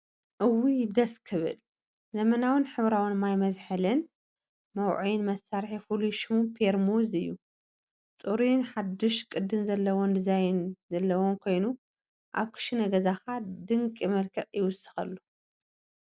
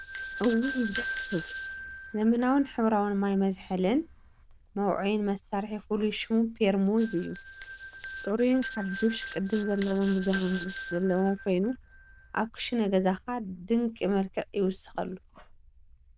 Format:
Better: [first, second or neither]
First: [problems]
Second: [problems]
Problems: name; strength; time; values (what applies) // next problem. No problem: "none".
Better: first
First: none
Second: noise reduction (neural diffusion model UNIVERSE++)